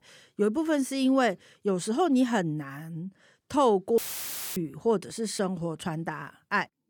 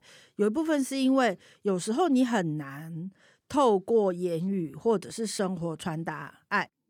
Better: second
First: audio cutting out; filled with static; at 4 s for 0.5 s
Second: none

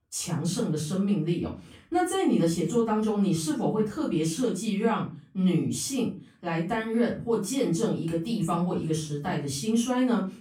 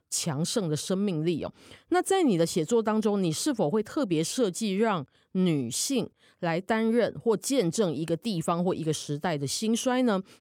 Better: second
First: off-mic speech; far // room echo; slight; dies away in 0.3 s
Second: none

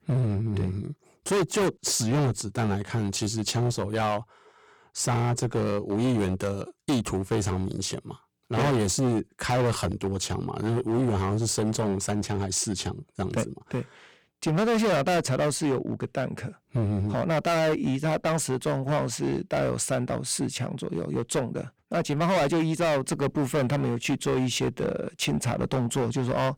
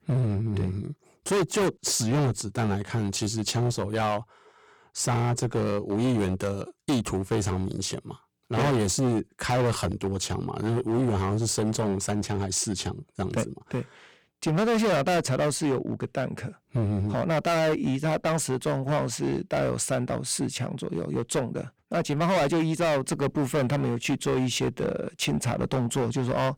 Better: neither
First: distortion; heavy; 15% of the sound clipped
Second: distortion; heavy; 15% of the sound clipped

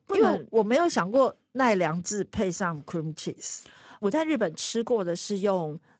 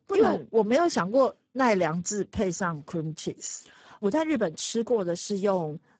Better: first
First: garbled, watery; slightly; nothing above 7.5 kHz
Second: garbled, watery; badly; nothing above 7.5 kHz

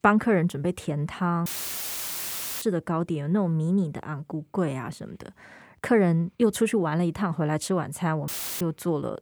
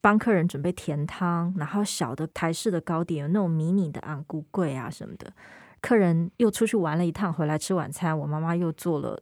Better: second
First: audio cutting out; filled with static; at 1.5 s for 1 s and at 8.5 s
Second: none

